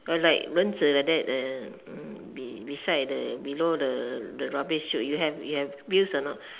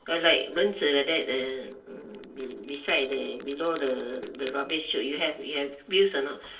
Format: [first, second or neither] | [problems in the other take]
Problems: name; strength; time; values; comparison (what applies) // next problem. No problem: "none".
first | noise reduction (neural separator model SepFormer DNS4)